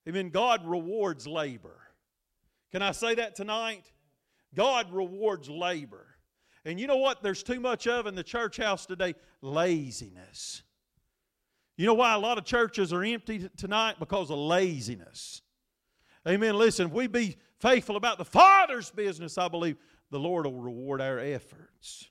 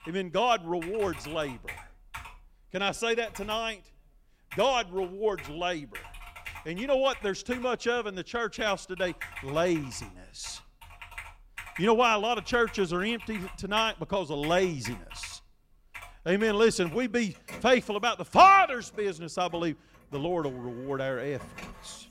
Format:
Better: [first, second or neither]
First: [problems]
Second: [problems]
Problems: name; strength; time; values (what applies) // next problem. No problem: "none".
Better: first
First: none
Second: household noises; noticeable; throughout; 15 dB below the speech